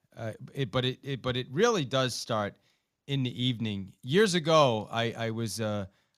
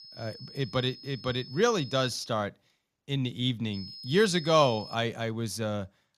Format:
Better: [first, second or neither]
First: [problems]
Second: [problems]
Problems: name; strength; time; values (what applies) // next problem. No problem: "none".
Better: first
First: none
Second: high-pitched whine; noticeable; until 2.5 s and from 3.5 to 5 s; 5 kHz, 15 dB below the speech